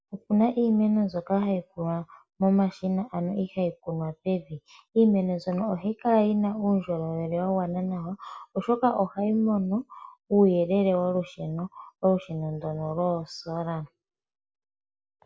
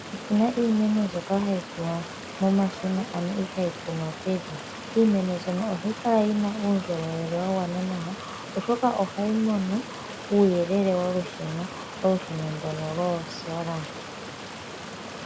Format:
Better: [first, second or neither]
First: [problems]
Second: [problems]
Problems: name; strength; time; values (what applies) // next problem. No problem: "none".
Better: first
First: none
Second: background sound (Stream); 11 dB below the speech